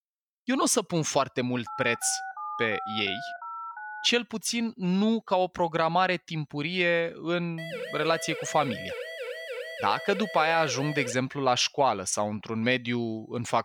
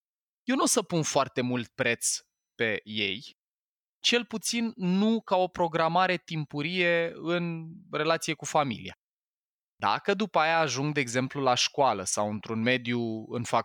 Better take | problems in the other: second | phone ringing; noticeable; from 1.5 to 4 s; peak 8 dB below the speech // siren; noticeable; from 7.5 to 11 s; peak 8 dB below the speech

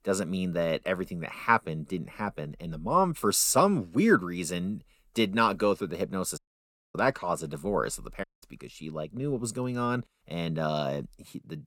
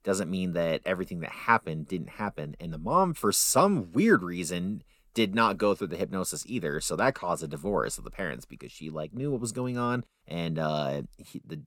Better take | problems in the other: second | audio cutting out; at 6.5 s for 0.5 s and at 8 s

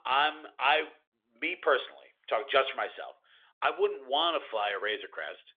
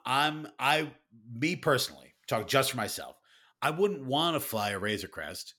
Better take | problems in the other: second | phone-call audio; nothing above 3.5 kHz

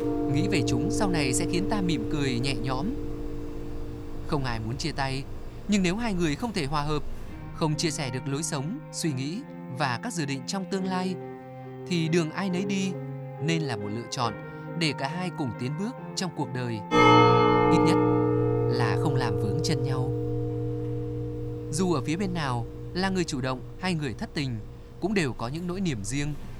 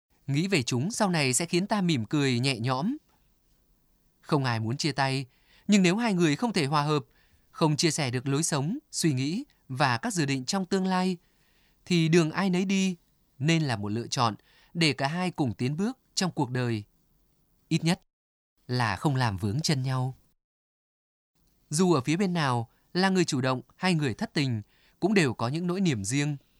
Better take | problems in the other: second | background music; very loud; throughout; 1 dB above the speech

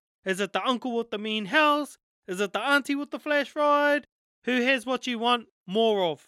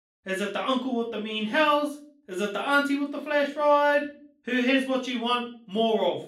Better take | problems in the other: first | off-mic speech; far // room echo; slight; dies away in 0.3 s

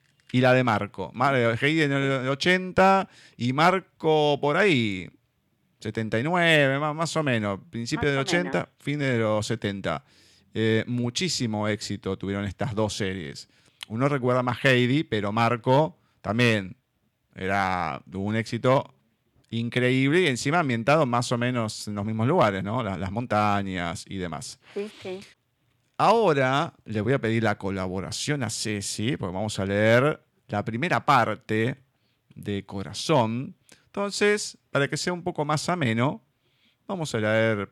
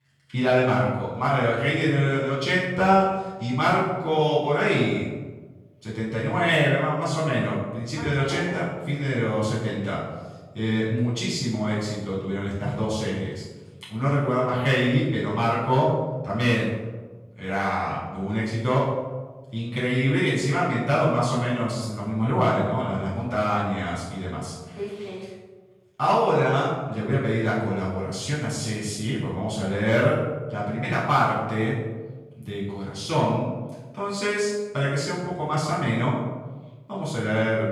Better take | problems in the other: first | off-mic speech; far // room echo; noticeable; dies away in 1.1 s

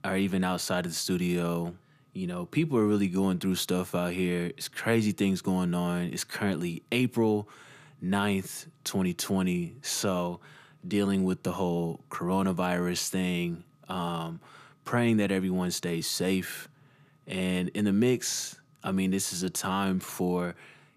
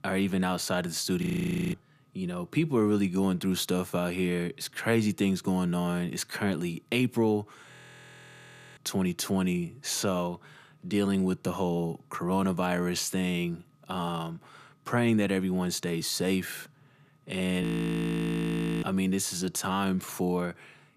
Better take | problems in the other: first | audio freezing; at 1 s for 0.5 s, at 7.5 s for 1 s and at 18 s for 1 s

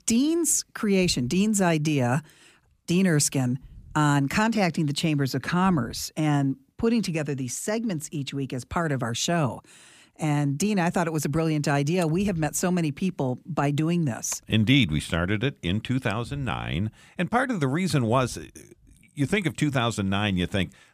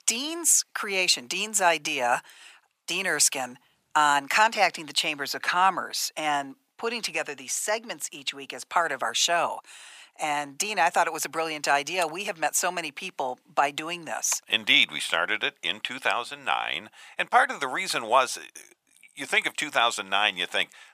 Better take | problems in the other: first | thin; very; fading below 800 Hz

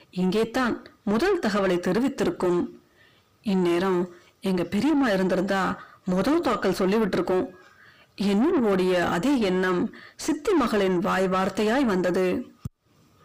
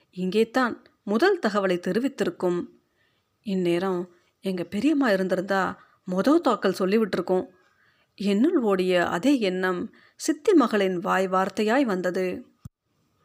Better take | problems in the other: second | distortion; heavy; 7 dB below the speech

